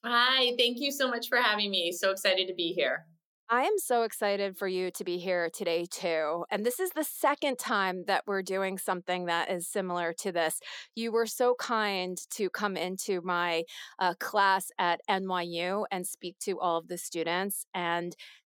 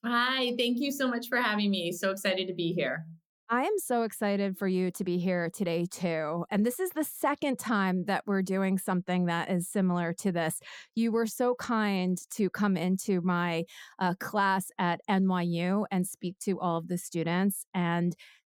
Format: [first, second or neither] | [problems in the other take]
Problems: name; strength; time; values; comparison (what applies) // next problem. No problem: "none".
second | thin; somewhat; fading below 450 Hz